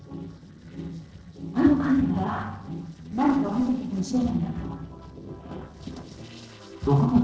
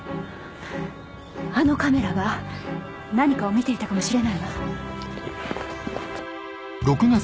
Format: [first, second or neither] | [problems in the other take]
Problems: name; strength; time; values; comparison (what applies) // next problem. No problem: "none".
second | noise reduction (neural separator model SepFormer DNS4)